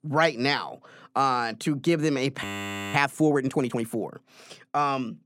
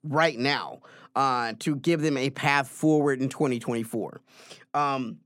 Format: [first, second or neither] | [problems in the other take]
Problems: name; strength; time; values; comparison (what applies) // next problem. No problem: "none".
second | audio freezing; at 2.5 s for 0.5 s